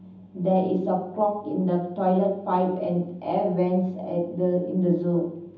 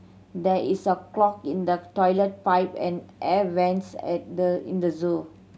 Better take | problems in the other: second | room echo; dies away in 0.8 s

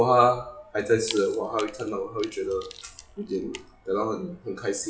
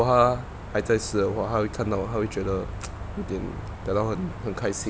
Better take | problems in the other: second | noise reduction (classical method WPE with log-MMSE)

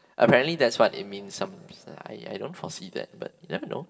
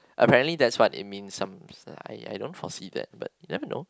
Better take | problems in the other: second | room echo; dies away in 1.4 s

